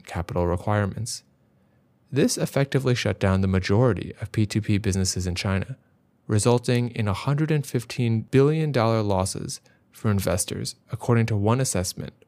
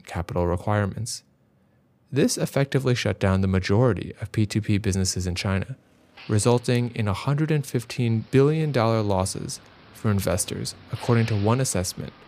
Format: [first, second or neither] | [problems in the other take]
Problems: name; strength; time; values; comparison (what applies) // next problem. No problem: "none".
first | traffic noise; faint; throughout; 25 dB below the speech